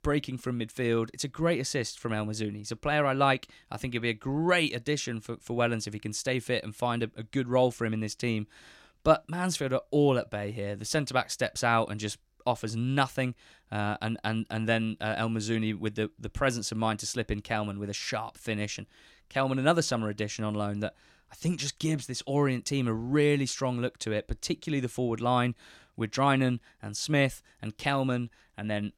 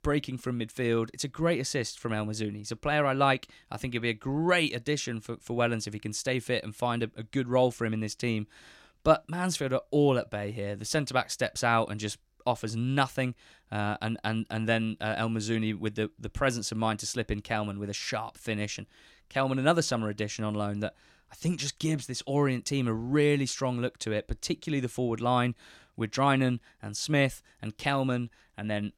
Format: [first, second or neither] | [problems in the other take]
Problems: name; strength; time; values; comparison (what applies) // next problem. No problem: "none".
neither | none